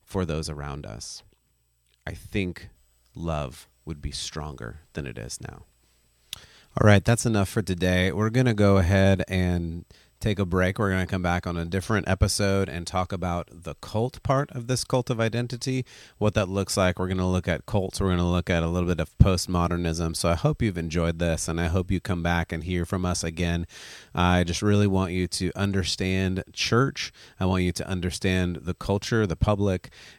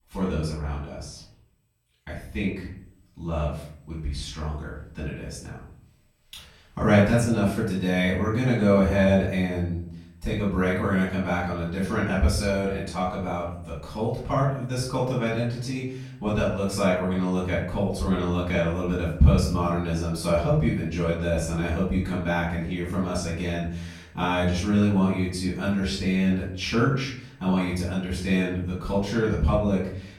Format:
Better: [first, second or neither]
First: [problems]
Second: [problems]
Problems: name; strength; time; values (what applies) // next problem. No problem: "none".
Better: first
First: none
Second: off-mic speech; far // room echo; noticeable; dies away in 0.6 s